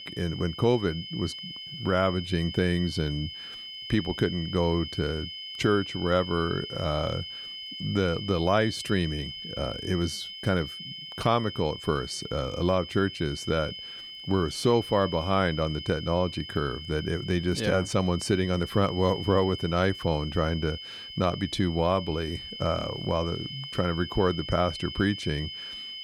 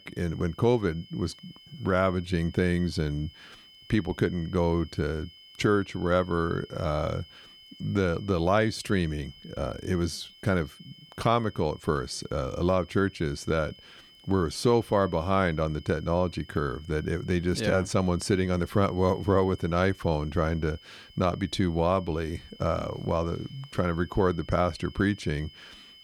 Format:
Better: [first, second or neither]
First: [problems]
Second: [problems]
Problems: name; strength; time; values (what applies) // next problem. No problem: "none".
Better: second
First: high-pitched whine; loud; throughout; 3 kHz, 9 dB below the speech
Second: high-pitched whine; faint; throughout; 3 kHz, 20 dB below the speech